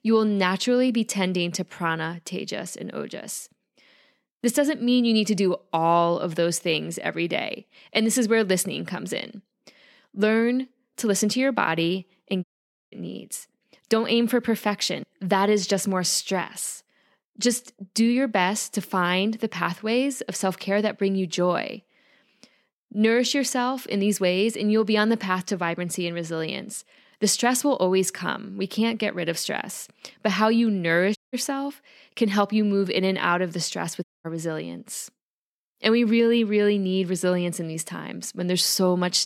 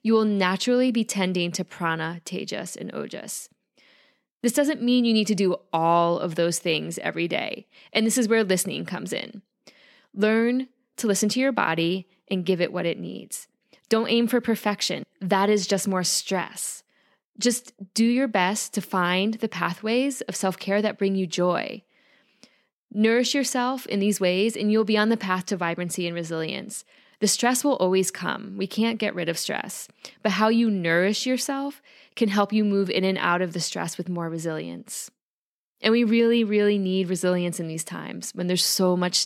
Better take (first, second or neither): second